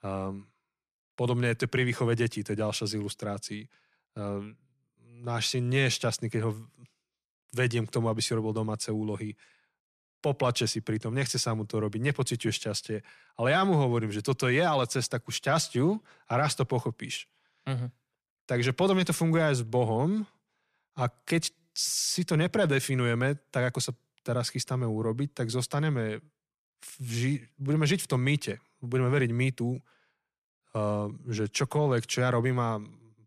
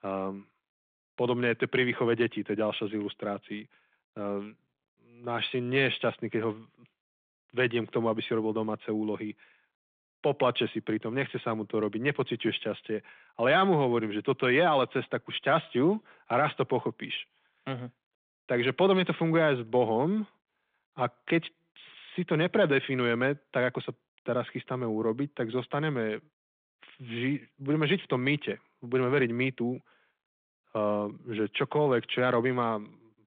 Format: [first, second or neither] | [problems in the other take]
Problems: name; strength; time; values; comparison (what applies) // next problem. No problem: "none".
first | phone-call audio; nothing above 3.5 kHz